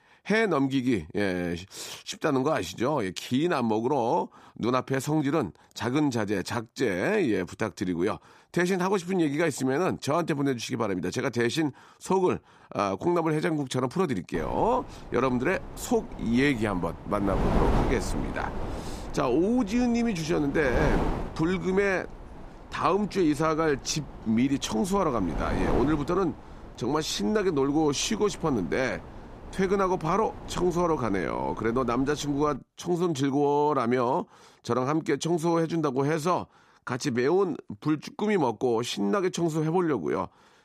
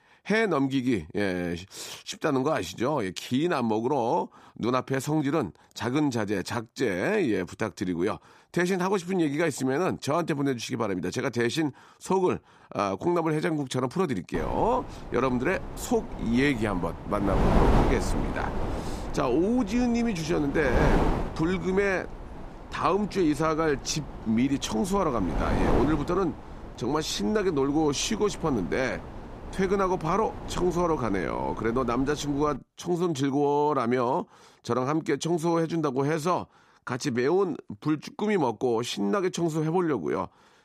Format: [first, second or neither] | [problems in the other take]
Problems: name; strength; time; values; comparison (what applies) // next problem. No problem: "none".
first | wind noise on the microphone; heavy; from 14 to 33 s; 7 dB below the speech; occasional gusts in the first